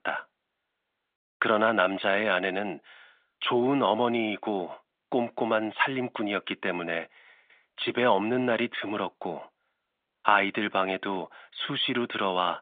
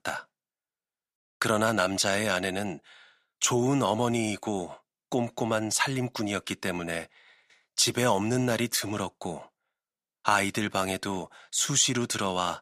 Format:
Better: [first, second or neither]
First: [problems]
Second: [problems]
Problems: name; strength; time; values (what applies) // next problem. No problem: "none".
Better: second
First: phone-call audio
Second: none